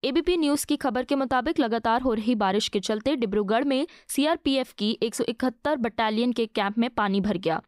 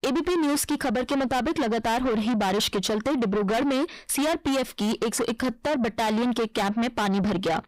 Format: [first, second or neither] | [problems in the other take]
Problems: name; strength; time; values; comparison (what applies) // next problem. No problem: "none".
first | distortion; heavy; 6 dB below the speech